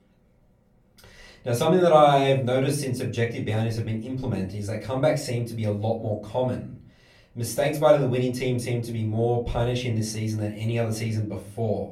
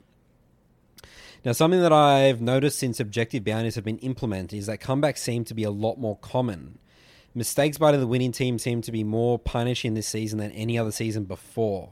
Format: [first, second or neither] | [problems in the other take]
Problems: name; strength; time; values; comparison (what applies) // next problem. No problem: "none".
second | off-mic speech; far // room echo; very slight; dies away in 0.4 s